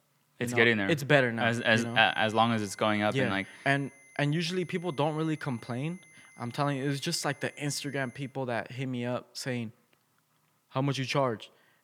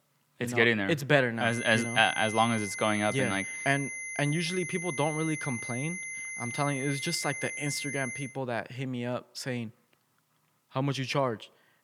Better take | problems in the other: first | high-pitched whine; loud; from 1.5 to 8.5 s; 2 kHz, 6 dB below the speech; faint in the first

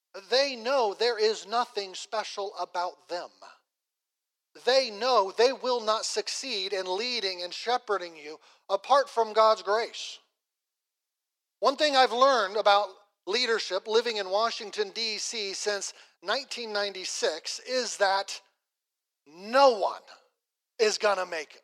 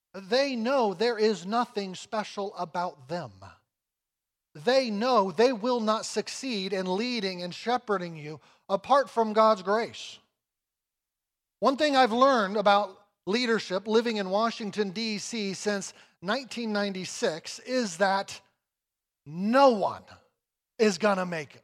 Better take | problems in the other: second | thin; somewhat; fading below 350 Hz

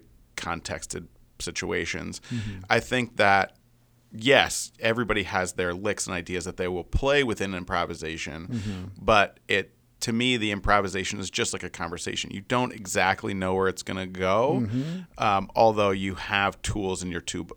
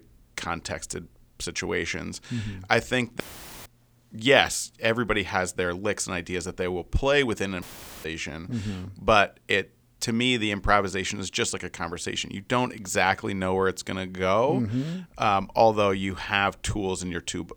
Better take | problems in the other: first | audio cutting out; filled with static; at 3 s and at 7.5 s

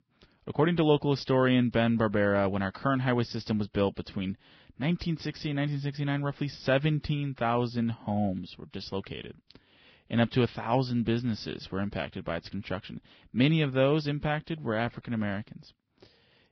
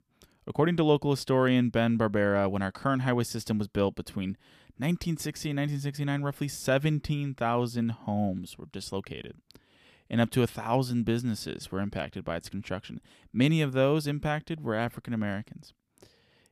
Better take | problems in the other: second | garbled, watery; badly; nothing above 5.5 kHz

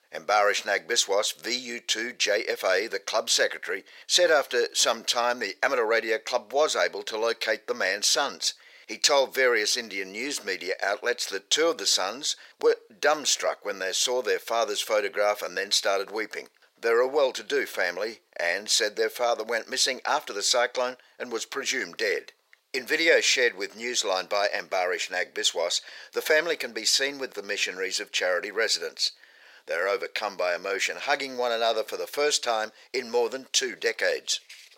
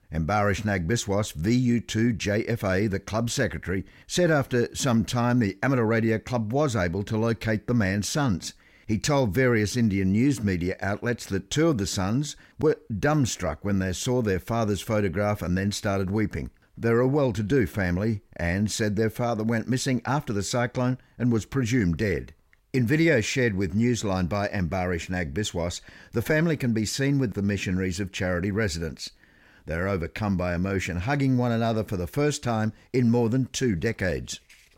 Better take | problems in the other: second | thin; very; fading below 500 Hz

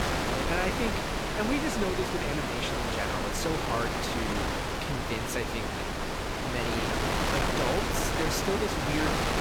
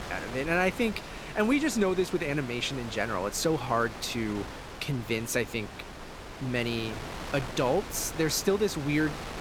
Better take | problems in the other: second | wind noise on the microphone; heavy; 5 dB above the speech; occasional gusts in the second

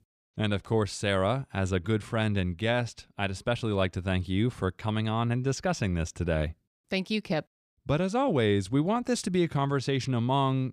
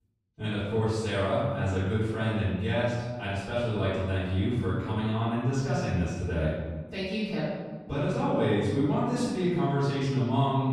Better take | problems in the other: first | off-mic speech; far // room echo; strong; dies away in 1.4 s

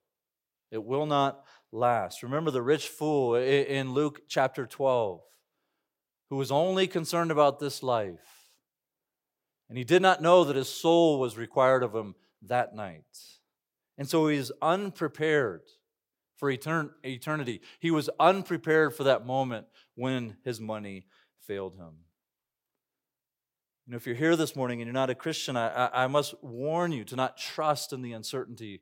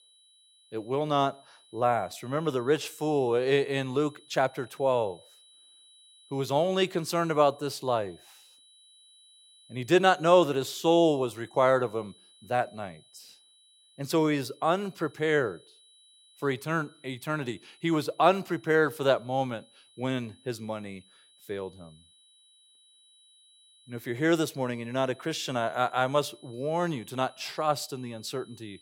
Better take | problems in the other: first | high-pitched whine; faint; throughout; 4 kHz, 30 dB below the speech

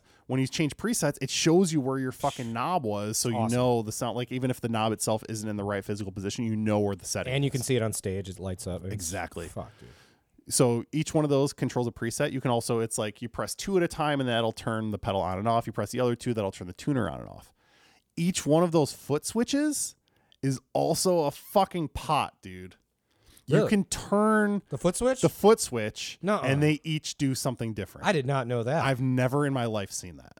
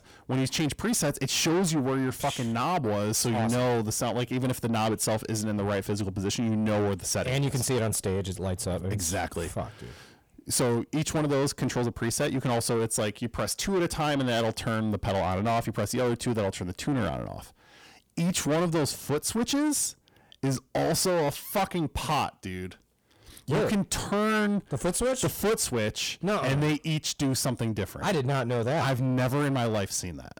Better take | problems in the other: first | distortion; heavy; 6 dB below the speech

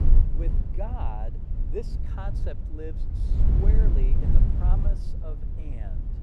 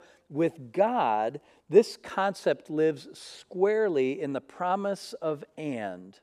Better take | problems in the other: second | low rumble; loud; throughout; 2 dB below the speech

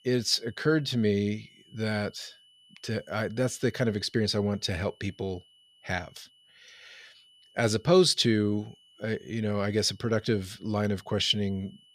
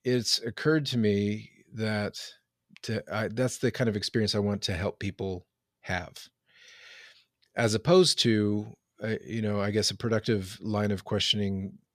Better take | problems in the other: second | high-pitched whine; faint; throughout; 3 kHz, 30 dB below the speech

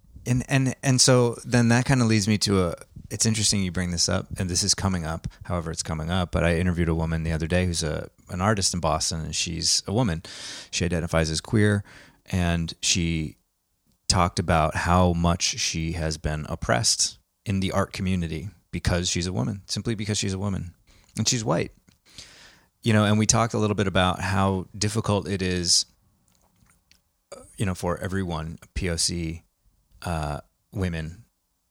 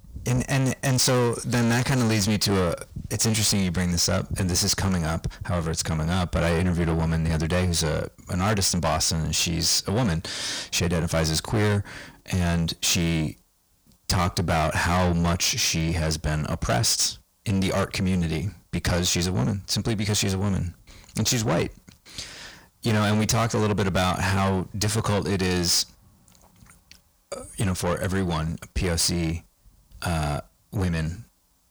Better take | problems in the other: first | distortion; heavy; 6 dB below the speech

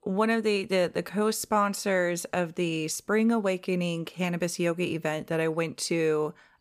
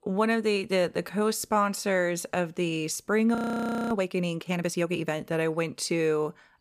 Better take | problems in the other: first | audio freezing; at 3.5 s for 0.5 s

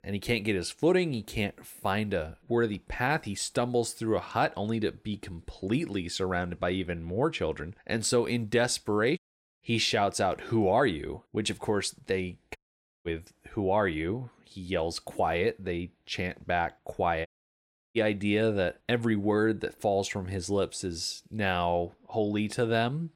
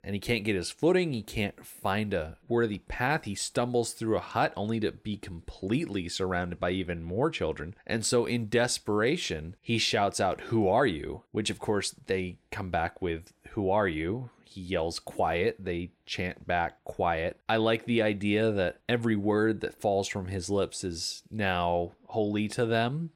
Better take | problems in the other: second | audio cutting out; at 9 s, at 13 s and at 17 s for 0.5 s

